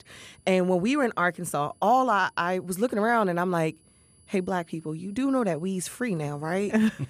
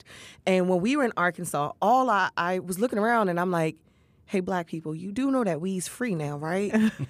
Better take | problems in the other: second | high-pitched whine; faint; throughout; 10 kHz, 35 dB below the speech

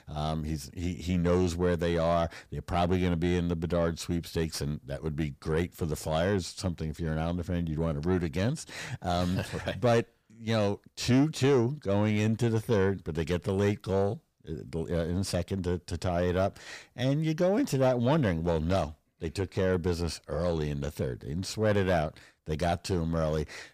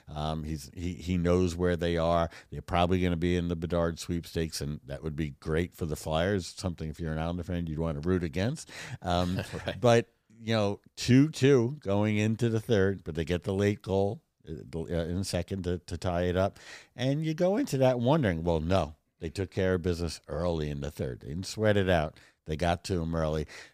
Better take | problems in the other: second | distortion; slight; 10 dB below the speech

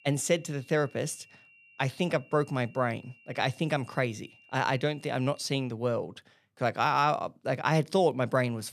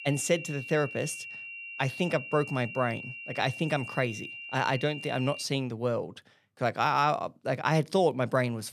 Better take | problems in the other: first | high-pitched whine; loud; until 5.5 s; 3 kHz, 10 dB below the speech; faint in the first

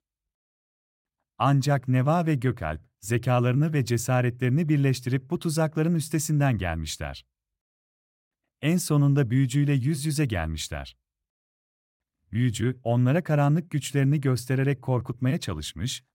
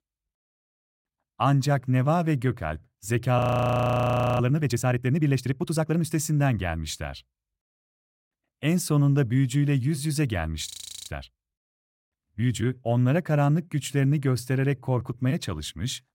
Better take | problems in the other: first | audio freezing; at 3.5 s for 1 s and at 11 s

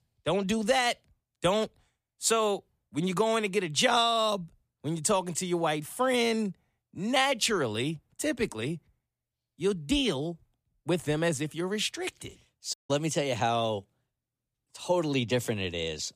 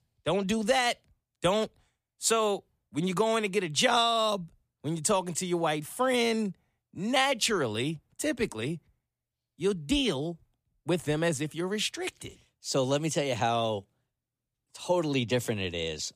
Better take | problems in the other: second | audio cutting out; at 13 s

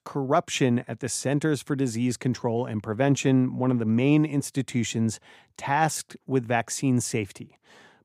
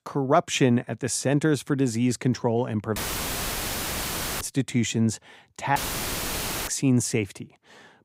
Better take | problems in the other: first | audio cutting out; filled with static; at 3 s for 1.5 s and at 6 s for 1 s

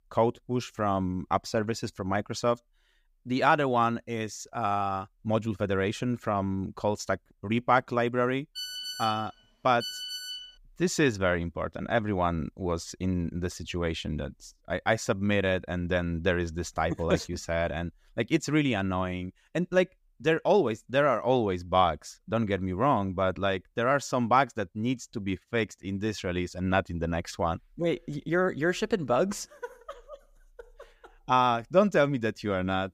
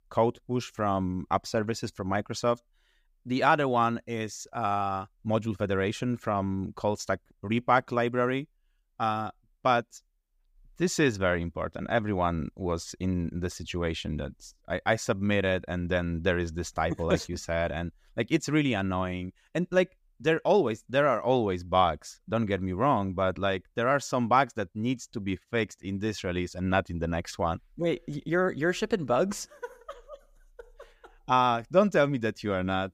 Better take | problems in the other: second | phone ringing; noticeable; from 8.5 to 11 s; peak 6 dB below the speech

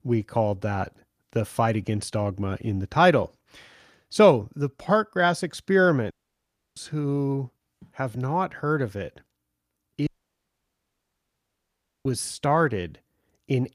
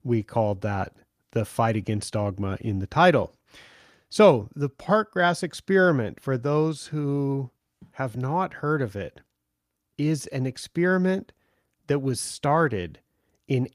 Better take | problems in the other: second | audio cutting out; at 6 s for 0.5 s and at 10 s for 2 s

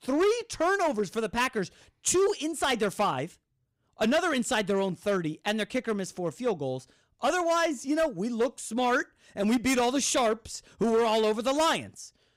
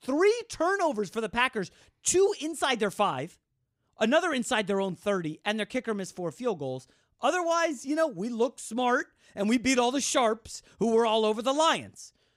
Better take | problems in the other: second | distortion; slight; 8% of the sound clipped

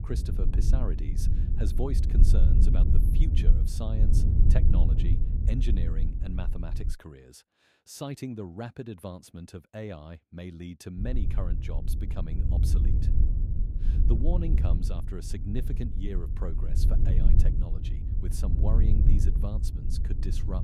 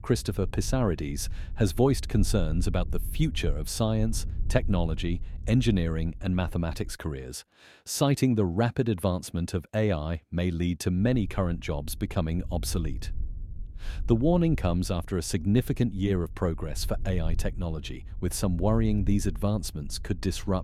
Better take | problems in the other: second | low rumble; loud; until 7 s and from 11 s on; 2 dB below the speech; faint in the second

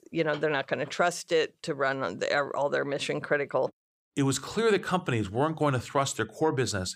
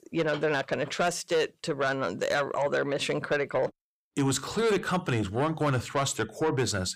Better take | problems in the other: first | distortion; slight; 10 dB below the speech

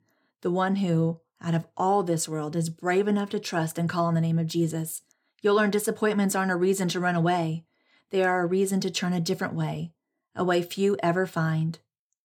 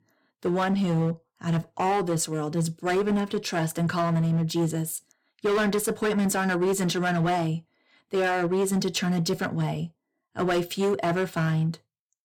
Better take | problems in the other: first | distortion; slight; 12% of the sound clipped

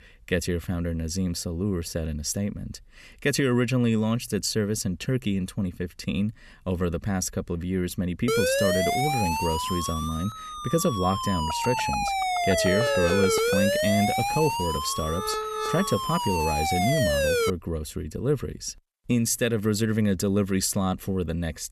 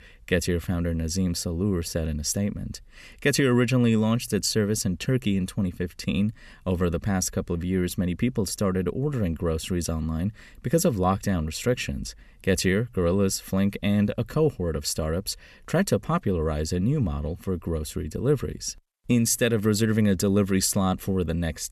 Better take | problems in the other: second | siren; loud; from 8.5 to 18 s; peak 4 dB above the speech

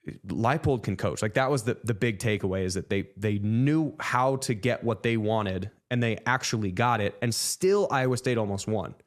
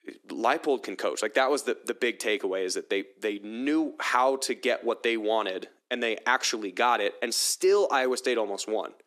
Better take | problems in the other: first | thin; somewhat; fading below 300 Hz

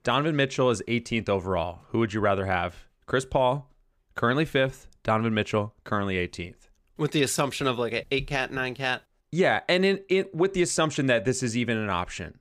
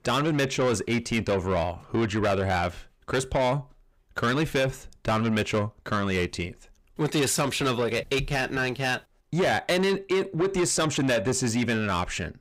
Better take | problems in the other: first | distortion; heavy; 8 dB below the speech

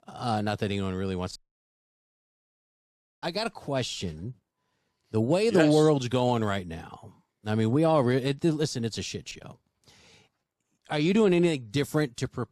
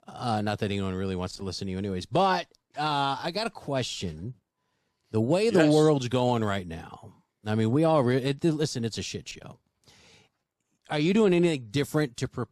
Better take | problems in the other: second | audio cutting out; at 1.5 s for 2 s

